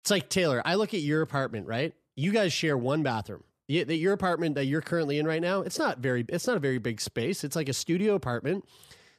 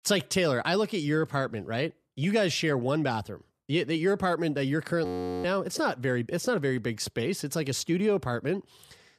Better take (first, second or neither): first